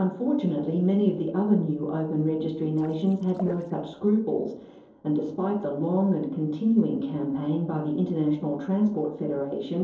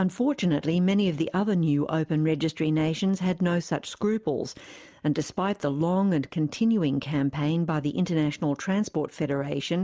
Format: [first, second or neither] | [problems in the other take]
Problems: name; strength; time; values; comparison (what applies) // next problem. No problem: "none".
second | noise reduction (neural separator model SepFormer DNS4)